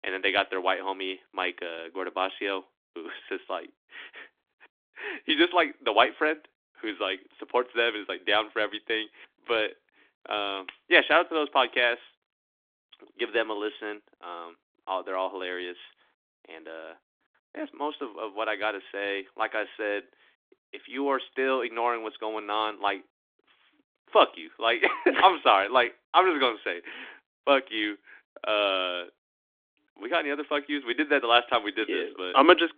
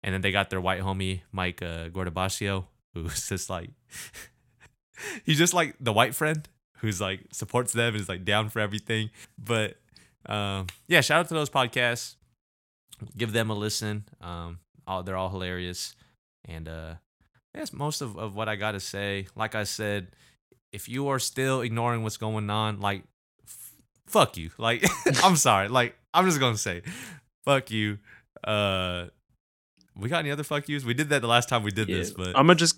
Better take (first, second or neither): second